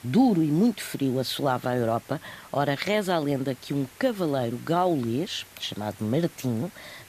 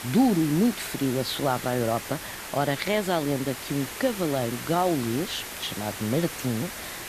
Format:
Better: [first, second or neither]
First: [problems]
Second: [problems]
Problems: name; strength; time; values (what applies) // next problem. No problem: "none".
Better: first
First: hiss; faint; throughout; 20 dB below the speech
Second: hiss; loud; throughout; 8 dB below the speech